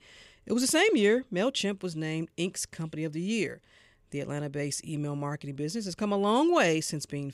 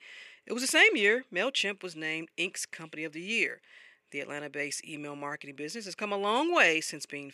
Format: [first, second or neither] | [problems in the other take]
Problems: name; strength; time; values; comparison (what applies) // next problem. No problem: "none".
first | thin; somewhat; fading below 300 Hz